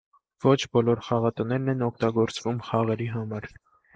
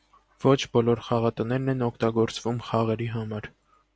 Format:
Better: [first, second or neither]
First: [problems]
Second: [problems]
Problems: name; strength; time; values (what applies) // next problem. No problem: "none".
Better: second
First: noise reduction (neural mask model Resemble Enhance denoiser)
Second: none